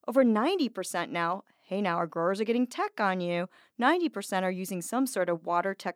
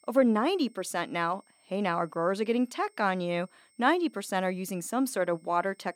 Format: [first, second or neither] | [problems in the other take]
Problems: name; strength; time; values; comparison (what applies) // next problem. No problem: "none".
first | high-pitched whine; faint; throughout; 8.5 kHz, 35 dB below the speech